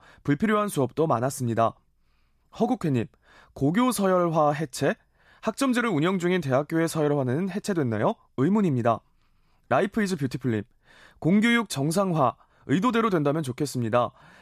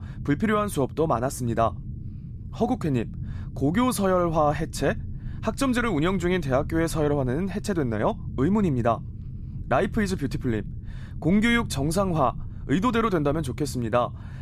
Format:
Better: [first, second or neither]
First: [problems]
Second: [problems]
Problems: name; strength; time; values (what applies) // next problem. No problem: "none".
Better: first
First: none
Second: low rumble; faint; throughout; 20 dB below the speech